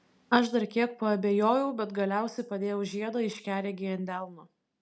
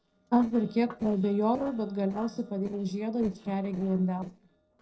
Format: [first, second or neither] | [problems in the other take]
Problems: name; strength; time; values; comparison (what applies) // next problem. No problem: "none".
first | noise reduction (neural separator model SepFormer DNS4)